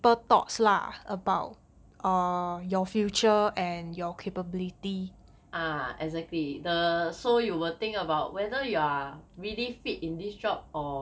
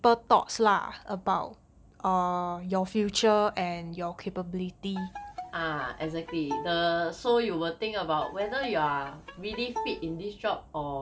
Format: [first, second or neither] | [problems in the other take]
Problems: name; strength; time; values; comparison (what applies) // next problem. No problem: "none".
first | background sound (Bowed string instrument); 12 dB below the speech